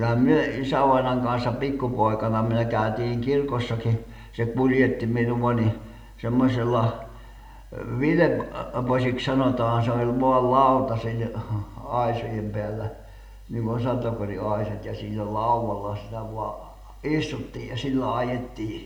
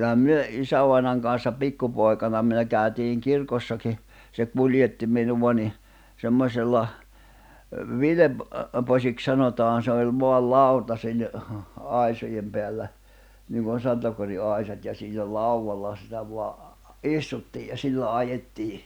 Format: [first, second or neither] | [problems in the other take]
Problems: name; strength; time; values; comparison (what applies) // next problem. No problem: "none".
second | room echo; dies away in 0.7 s